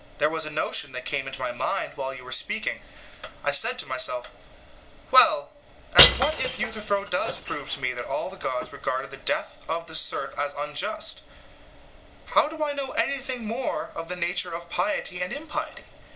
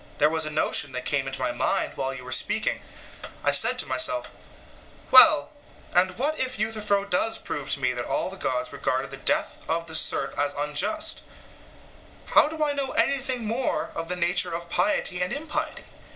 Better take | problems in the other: second | background sound (Shatter / Crushing); 3 dB above the speech

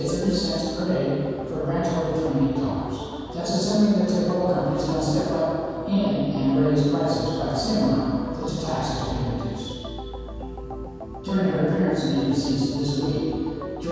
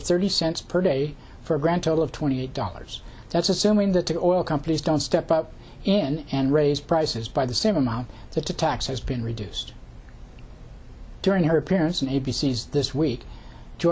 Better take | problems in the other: second | background sound (Organ); 12 dB below the speech // room echo; dies away in 2.1 s

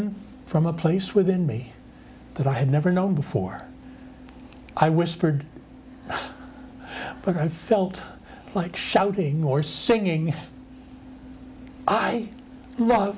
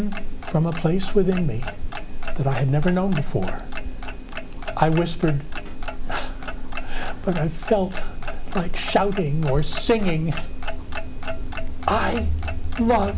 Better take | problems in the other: first | background sound (Clock); 1 dB above the speech

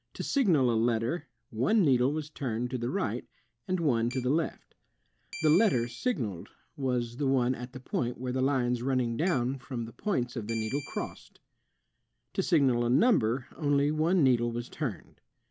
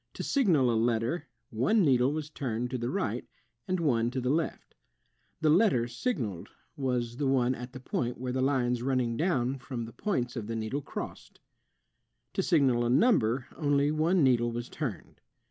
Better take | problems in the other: second | background sound (Keyboard (musical)); 17 dB below the speech

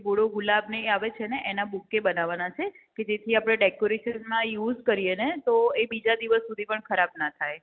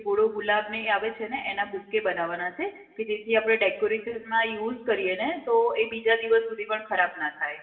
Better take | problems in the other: first | room echo; dies away in 0.8 s

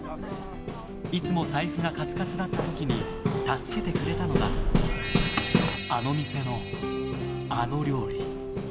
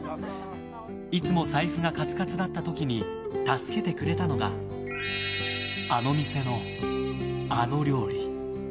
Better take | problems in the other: second | background sound (Hammer); 1 dB below the speech

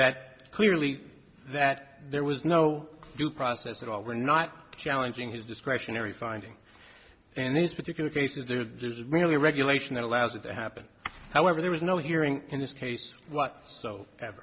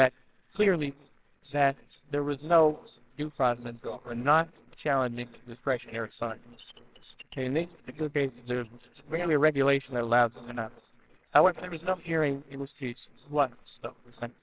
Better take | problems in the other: first | noise reduction (neural separator model SepFormer WHAMR!)

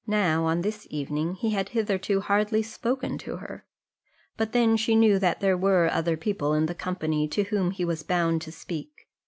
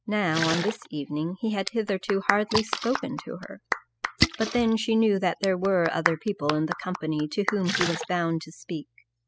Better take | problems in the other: first | noise reduction (classical method spectral subtraction)

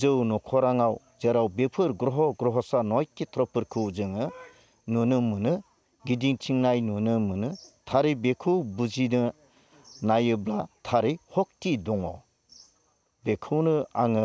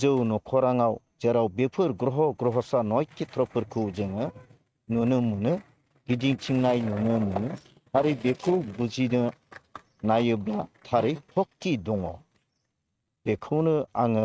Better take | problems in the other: first | noise reduction (neural mask model RNNoise)

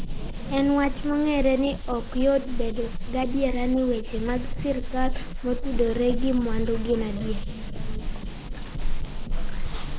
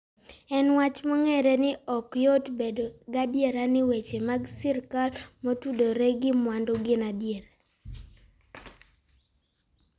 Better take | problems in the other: second | noise reduction (neural mask model Resemble Enhance denoiser)

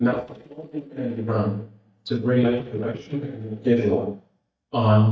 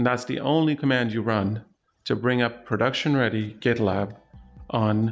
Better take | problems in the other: second | noise reduction (neural mask model DeepFilterNet 3)

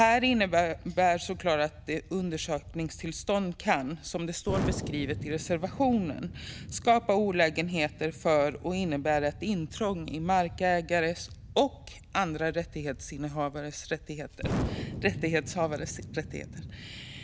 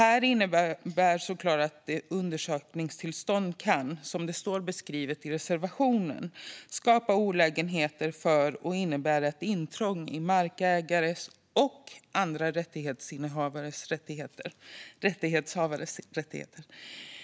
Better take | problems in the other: second | background sound (Explosion); 11 dB below the speech

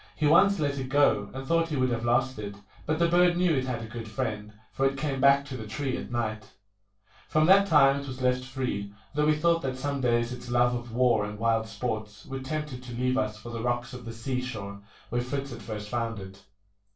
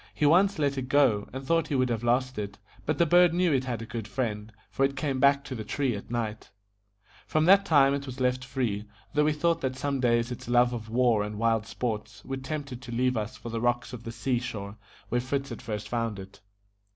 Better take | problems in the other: second | room echo; dies away in 0.2 s

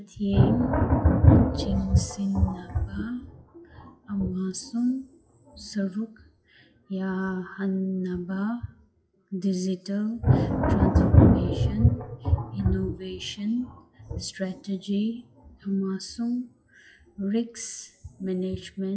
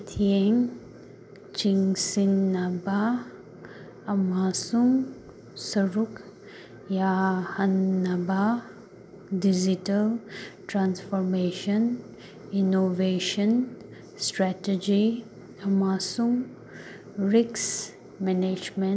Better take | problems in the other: second | noise reduction (classical method WPE with log-MMSE)

